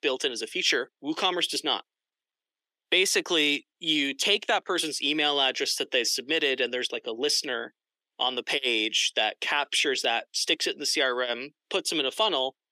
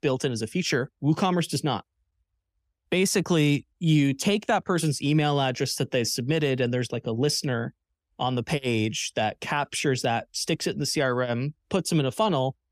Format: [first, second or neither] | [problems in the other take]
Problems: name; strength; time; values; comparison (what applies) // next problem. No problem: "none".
second | thin; somewhat; fading below 350 Hz